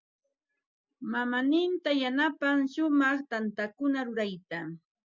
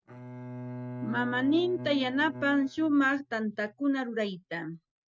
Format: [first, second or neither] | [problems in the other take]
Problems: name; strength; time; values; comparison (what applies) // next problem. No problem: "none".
first | noise reduction (neural mask model RNNoise)